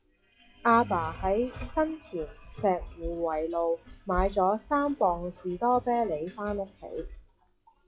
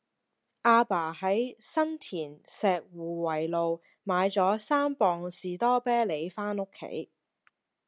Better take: second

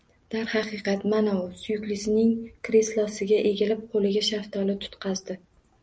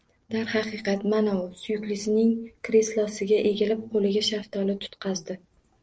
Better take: first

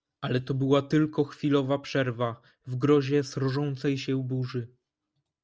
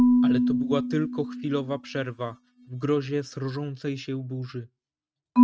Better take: first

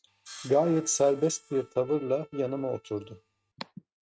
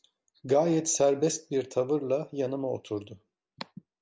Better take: second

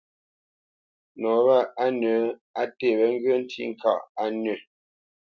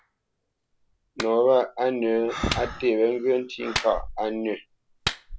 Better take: first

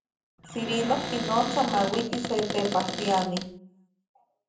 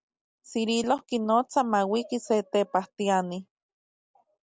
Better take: second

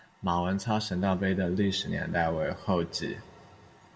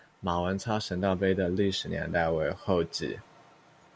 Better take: second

